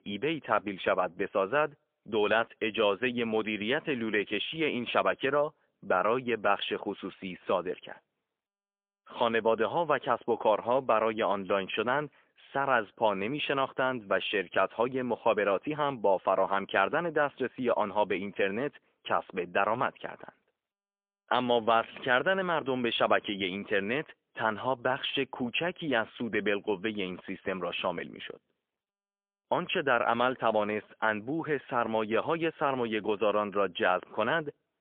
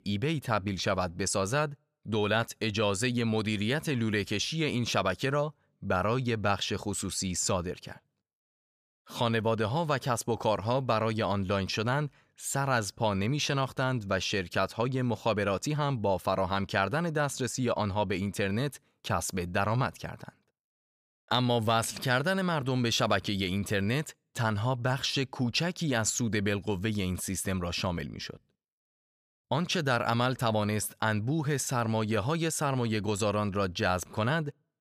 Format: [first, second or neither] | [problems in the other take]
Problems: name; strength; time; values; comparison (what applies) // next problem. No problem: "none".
second | phone-call audio; poor line; nothing above 3.5 kHz